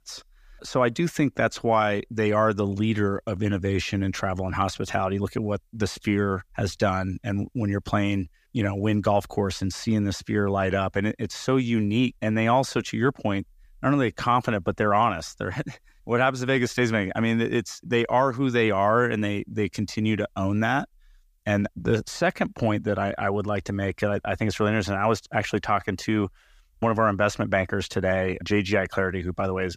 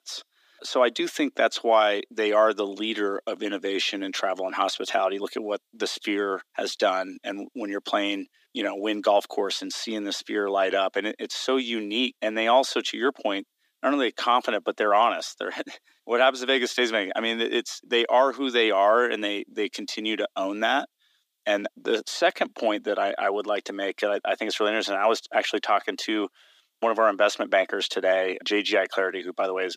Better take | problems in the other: first | thin; somewhat; fading below 250 Hz

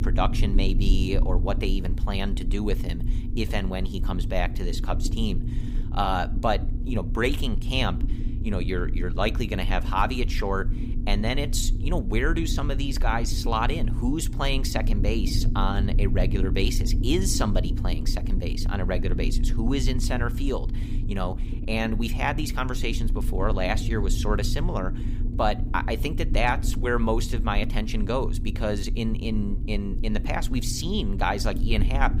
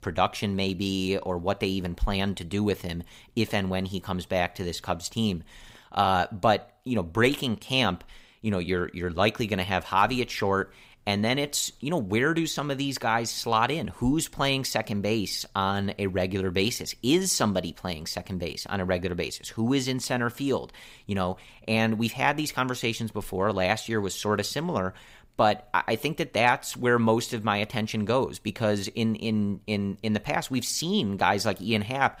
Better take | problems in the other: second | low rumble; noticeable; throughout; 10 dB below the speech

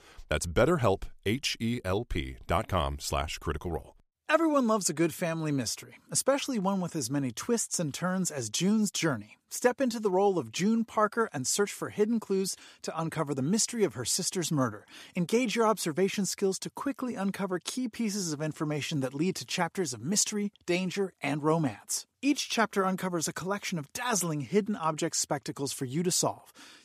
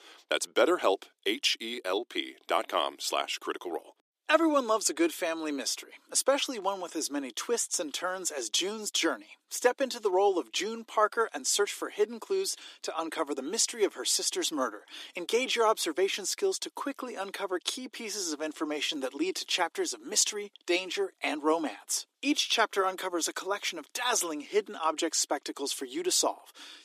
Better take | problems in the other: first | thin; somewhat; fading below 300 Hz

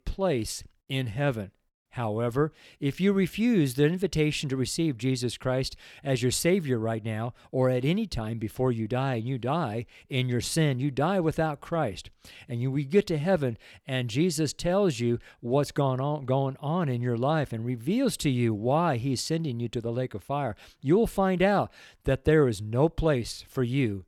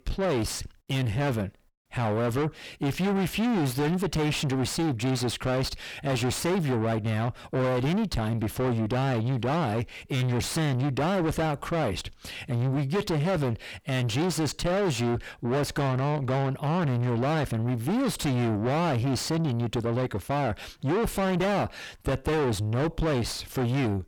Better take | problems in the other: first | distortion; heavy; 5 dB below the speech

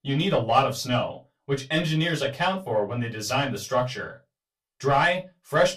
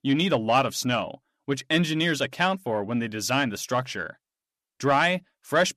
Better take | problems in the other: second | off-mic speech; far // room echo; very slight; dies away in 0.2 s

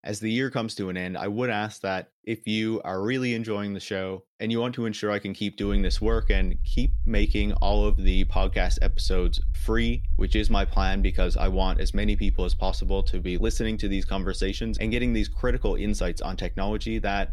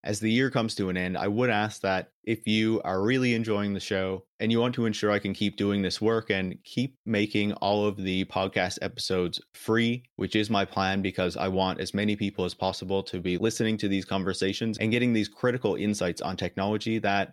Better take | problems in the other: second | low rumble; faint; from 5.5 s on; 25 dB below the speech

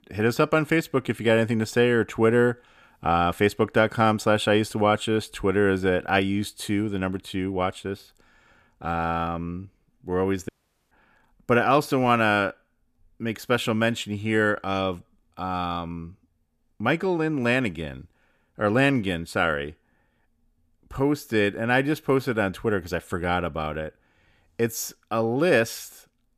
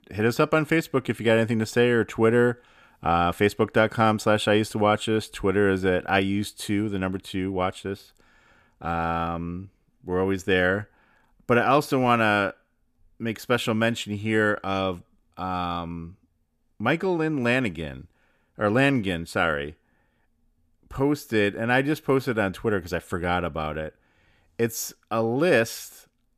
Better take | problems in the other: second | audio cutting out; at 10 s

